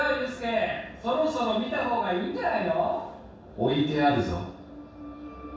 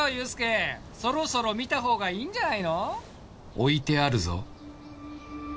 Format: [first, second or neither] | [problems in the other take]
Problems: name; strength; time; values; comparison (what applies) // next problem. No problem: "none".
second | room echo; dies away in 0.7 s